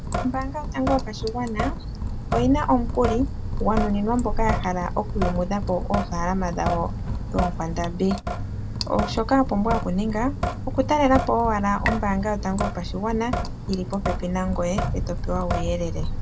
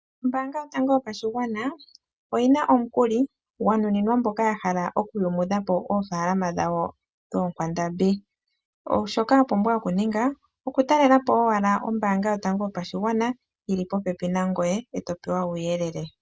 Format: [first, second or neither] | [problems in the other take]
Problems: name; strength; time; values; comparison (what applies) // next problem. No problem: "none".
second | background sound (Drip / Sink (filling or washing)); 2 dB below the speech